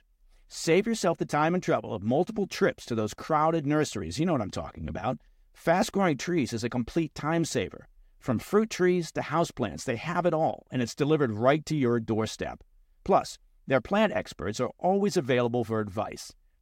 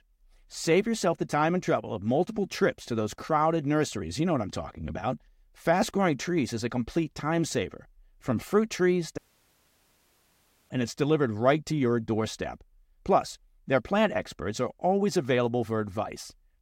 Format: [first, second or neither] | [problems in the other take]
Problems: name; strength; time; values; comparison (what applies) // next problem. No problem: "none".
first | audio cutting out; at 9 s for 1.5 s